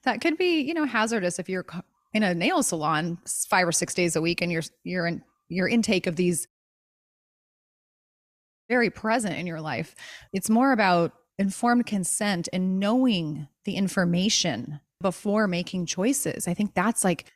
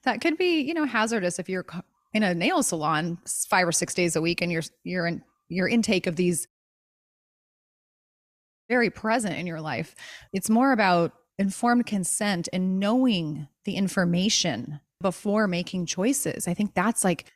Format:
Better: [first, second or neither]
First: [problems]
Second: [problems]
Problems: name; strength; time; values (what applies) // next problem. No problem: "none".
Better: neither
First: audio cutting out; at 6.5 s for 2 s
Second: audio cutting out; at 6.5 s for 2 s